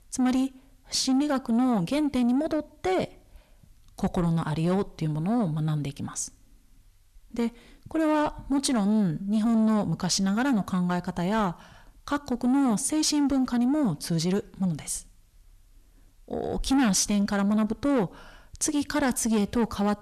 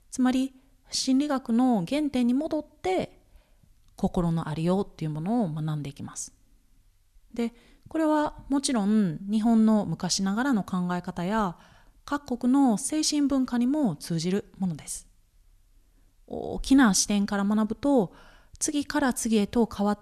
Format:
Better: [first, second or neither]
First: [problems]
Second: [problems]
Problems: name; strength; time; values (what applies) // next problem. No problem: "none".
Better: second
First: distortion; slight; 10 dB below the speech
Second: none